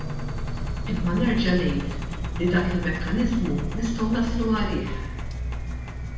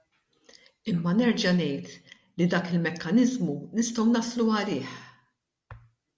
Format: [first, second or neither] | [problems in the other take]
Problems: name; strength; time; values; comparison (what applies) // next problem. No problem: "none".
second | background sound (Engine); 2 dB below the speech // room echo; dies away in 0.9 s